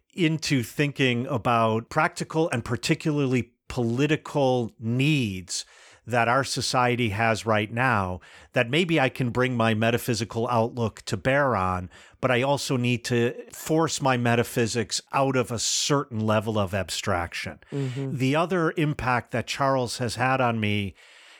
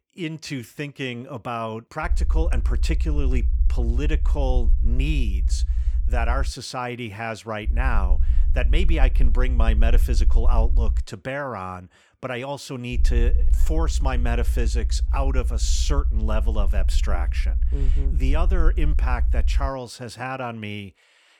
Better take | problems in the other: first | low rumble; noticeable; from 2 to 6.5 s, from 7.5 to 11 s and from 13 to 20 s; 15 dB below the speech

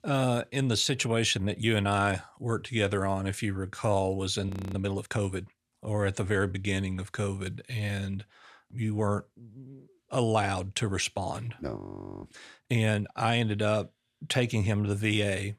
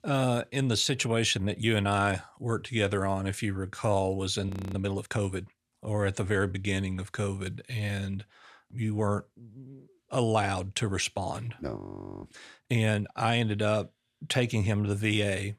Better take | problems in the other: neither | audio freezing; at 4.5 s and at 12 s; the same in both

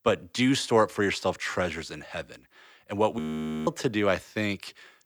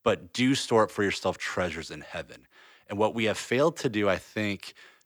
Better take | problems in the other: second | audio freezing; at 3 s

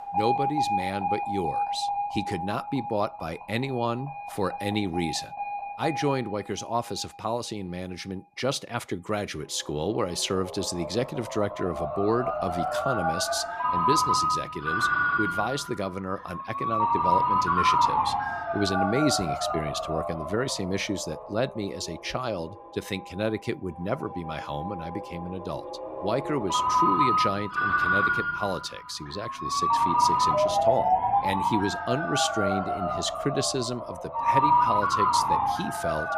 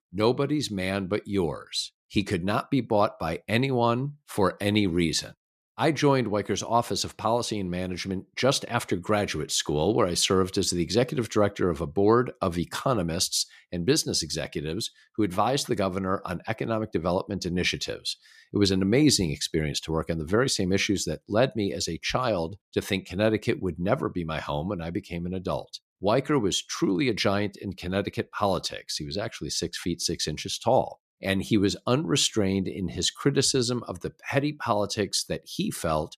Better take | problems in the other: second | alarms or sirens; very loud; throughout; 4 dB above the speech

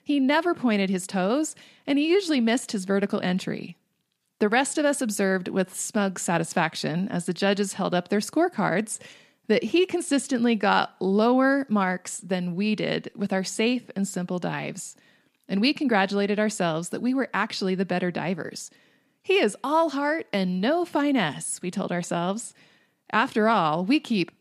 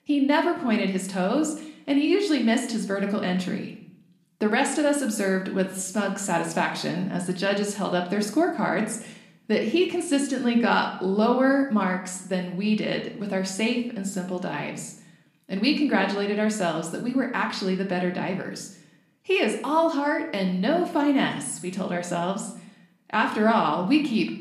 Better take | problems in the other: first | room echo; slight; dies away in 0.6 s // off-mic speech; somewhat distant

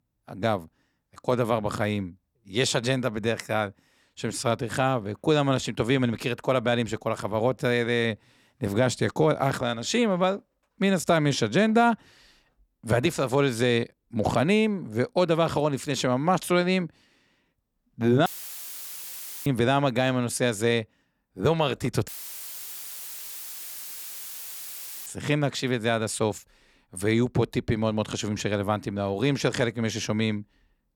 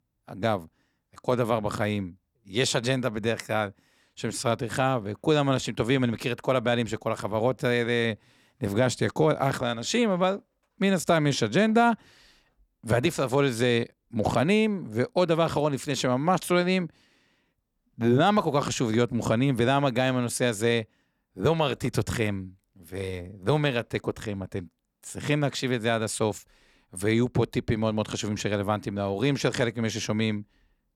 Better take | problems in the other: second | audio cutting out; filled with static; at 18 s for 1 s and at 22 s for 3 s

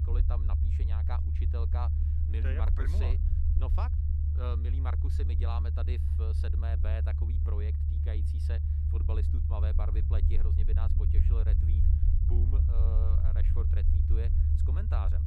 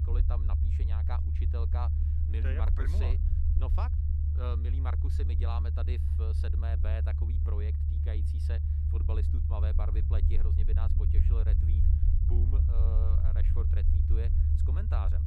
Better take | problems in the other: neither | low rumble; loud; throughout; 1 dB below the speech; the same in both

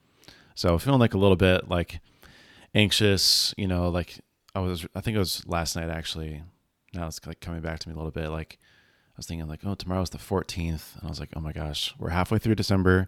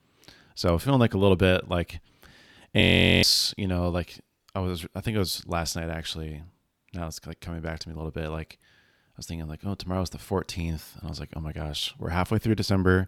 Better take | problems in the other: first | audio freezing; at 3 s

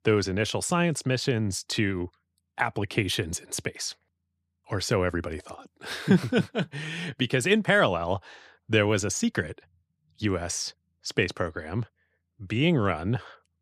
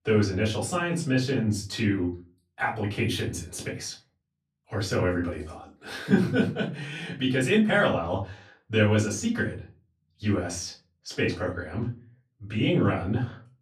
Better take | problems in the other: first | off-mic speech; far // room echo; slight; dies away in 0.3 s

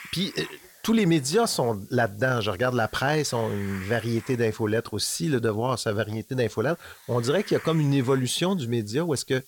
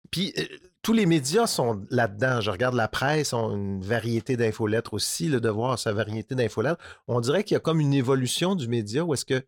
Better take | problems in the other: second | hiss; faint; throughout; 20 dB below the speech

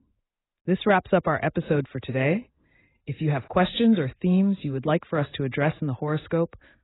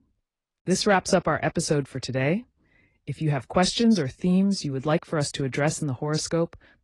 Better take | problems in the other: second | garbled, watery; badly; nothing above 4 kHz; slightly in the second

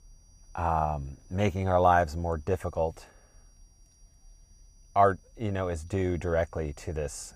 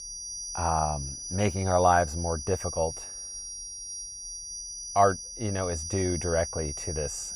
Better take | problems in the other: first | high-pitched whine; loud; throughout; 6 kHz, 7 dB below the speech; faint in the first

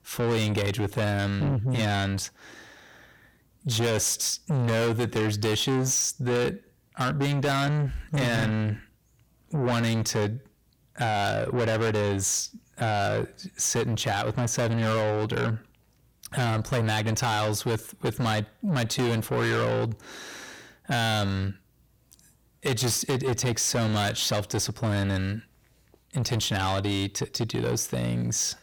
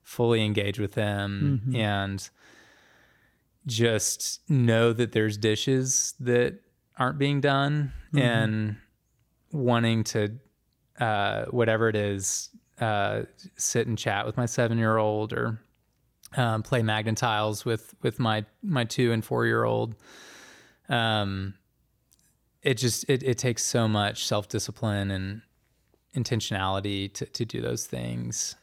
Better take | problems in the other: second | distortion; heavy; 6 dB below the speech

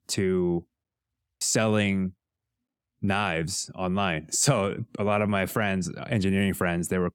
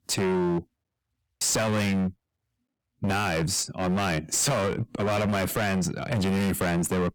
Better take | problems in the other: first | distortion; heavy; 23% of the sound clipped

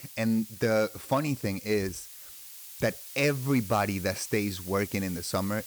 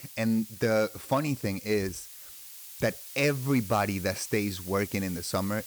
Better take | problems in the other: neither | hiss; noticeable; throughout; 15 dB below the speech; the same in both

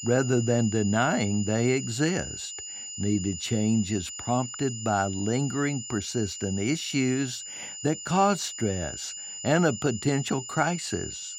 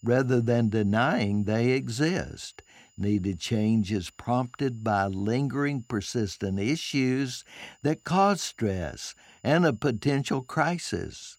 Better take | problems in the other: second | high-pitched whine; loud; throughout; 7 kHz, 9 dB below the speech; faint in the second

